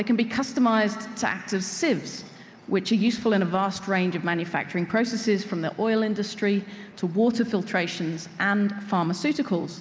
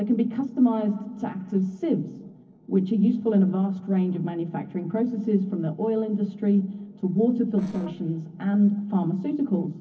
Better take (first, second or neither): first